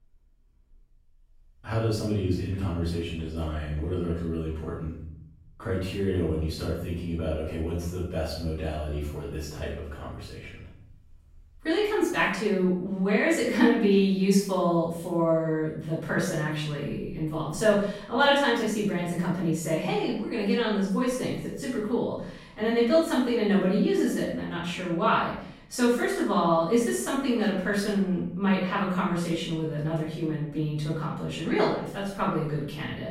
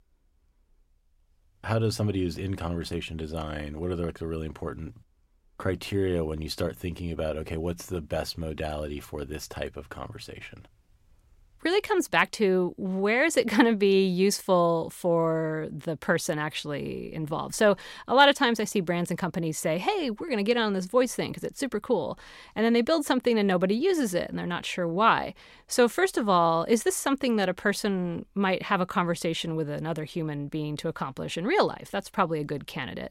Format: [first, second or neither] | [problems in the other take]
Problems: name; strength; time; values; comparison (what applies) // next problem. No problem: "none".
second | off-mic speech; far // room echo; noticeable; dies away in 0.7 s